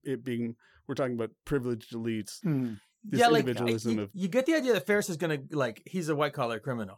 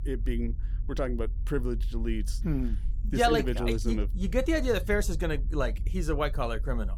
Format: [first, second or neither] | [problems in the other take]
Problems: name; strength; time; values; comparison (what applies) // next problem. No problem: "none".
first | low rumble; faint; throughout; 25 dB below the speech